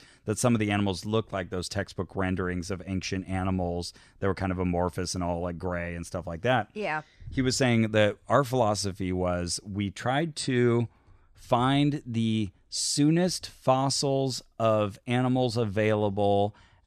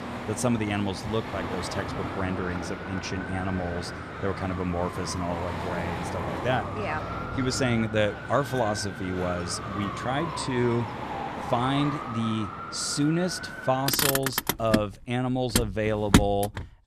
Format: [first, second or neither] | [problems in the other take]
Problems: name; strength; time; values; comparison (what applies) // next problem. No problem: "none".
first | traffic noise; loud; throughout; 3 dB below the speech